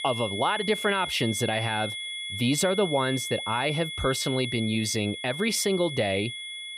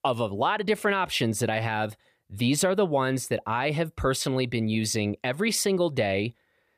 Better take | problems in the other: second | high-pitched whine; loud; throughout; 3.5 kHz, 6 dB below the speech

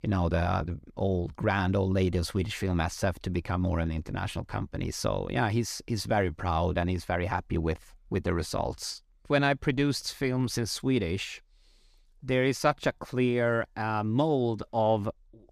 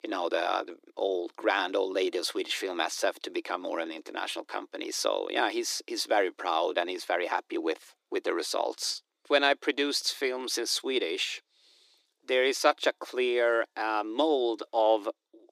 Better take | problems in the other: first | thin; very; fading below 300 Hz

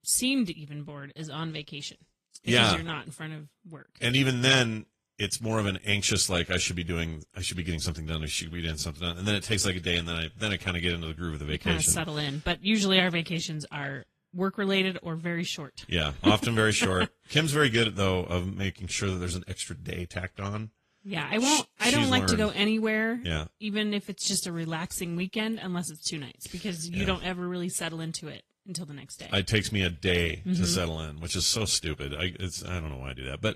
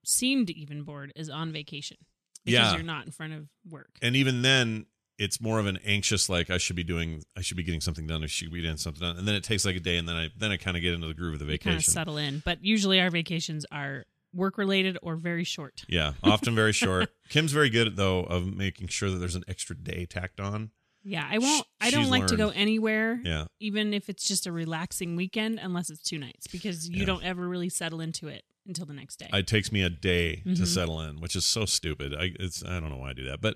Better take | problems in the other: second | garbled, watery; slightly; nothing above 13.5 kHz

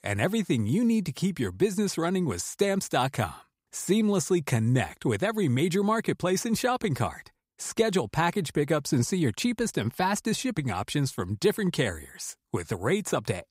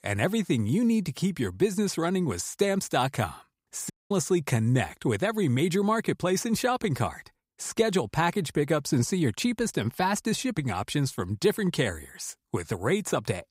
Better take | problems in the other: first | audio cutting out; at 4 s

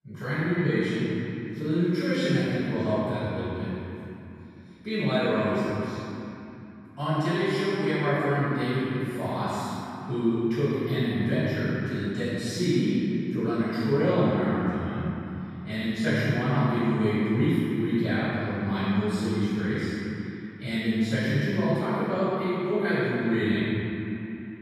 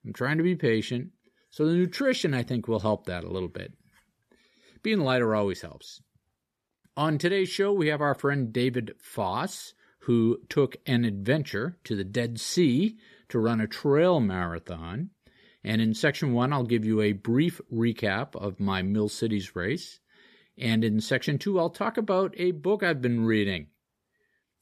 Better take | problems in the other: second | room echo; strong; dies away in 3 s // off-mic speech; far

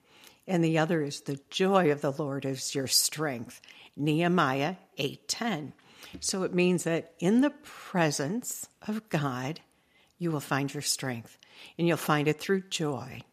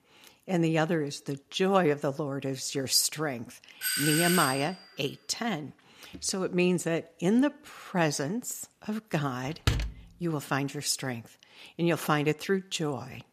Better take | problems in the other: first | doorbell; loud; at 4 s; peak 3 dB above the speech // door banging; noticeable; at 9.5 s; peak 1 dB below the speech

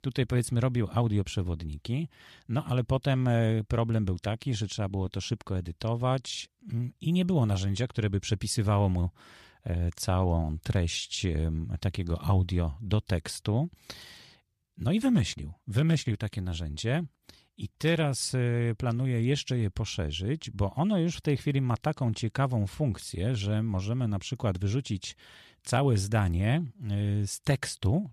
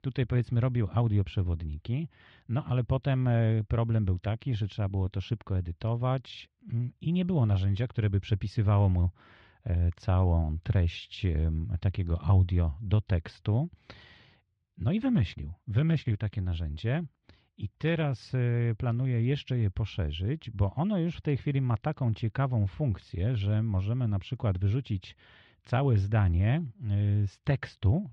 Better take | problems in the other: first | muffled; slightly; fading above 3 kHz

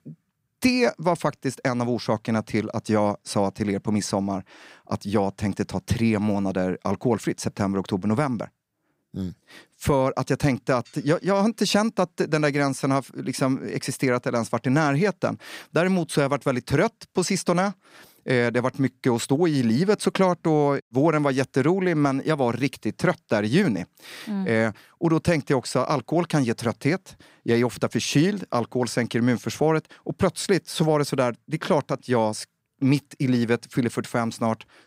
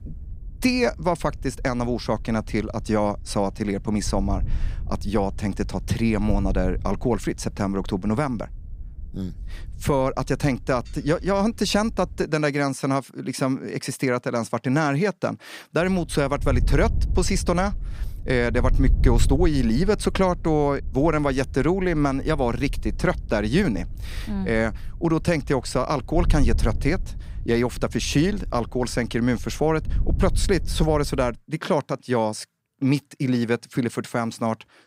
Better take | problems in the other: first | wind noise on the microphone; occasional gusts; until 12 s and from 16 to 31 s; 25 dB below the speech

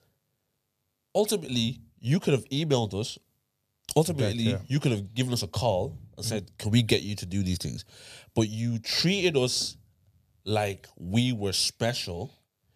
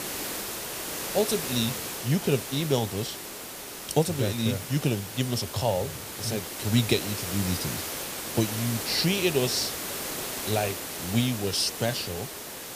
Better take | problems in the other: first | hiss; loud; throughout; 5 dB below the speech

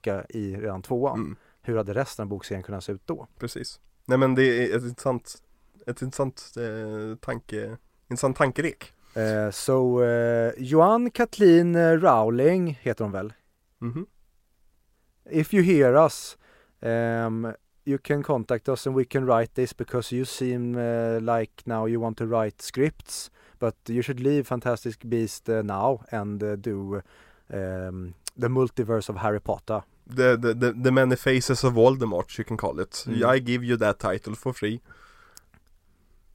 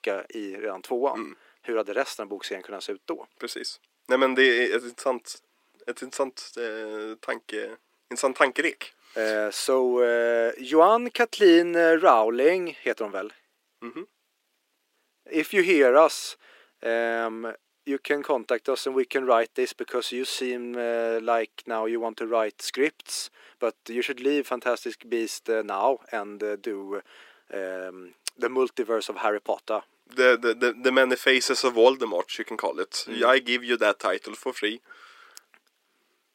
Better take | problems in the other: first | thin; somewhat; fading below 300 Hz

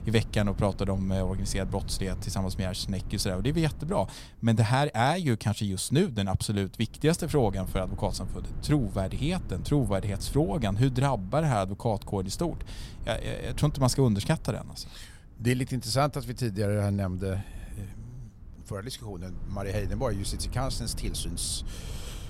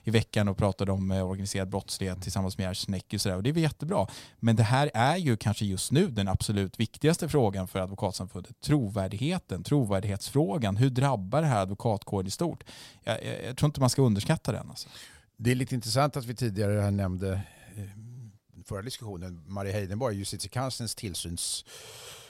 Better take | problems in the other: second | wind noise on the microphone; occasional gusts; 20 dB below the speech

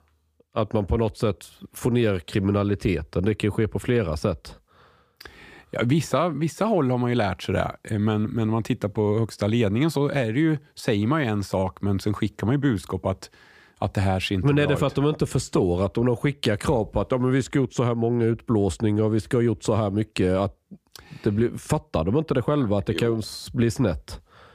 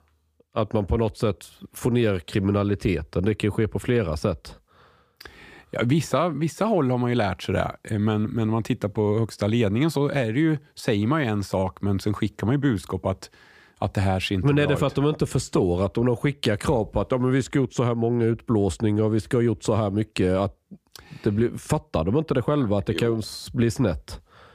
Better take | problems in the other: neither | none

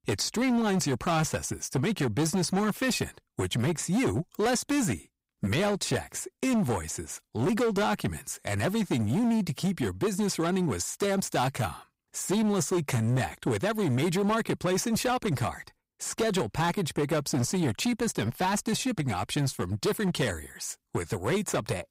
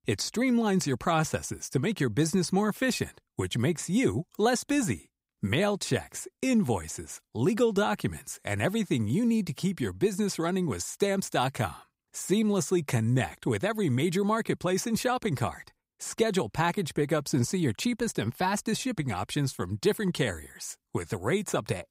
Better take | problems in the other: second | distortion; slight; 15% of the sound clipped

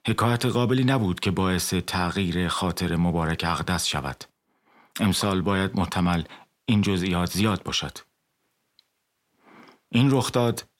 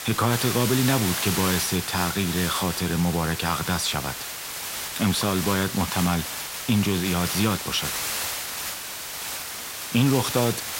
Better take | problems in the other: first | hiss; loud; throughout; 4 dB below the speech

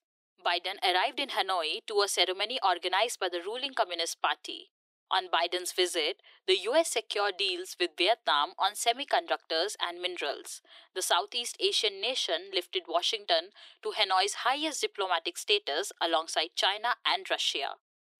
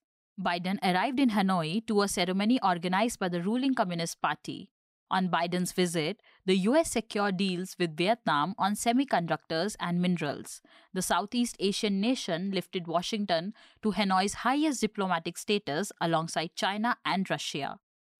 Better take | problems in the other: second | thin; very; fading below 350 Hz

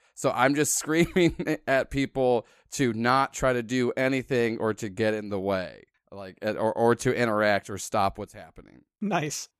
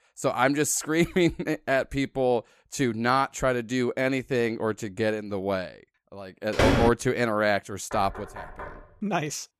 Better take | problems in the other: first | door banging; loud; at 6.5 s; peak 4 dB above the speech // door banging; faint; from 8 to 9 s; peak 15 dB below the speech

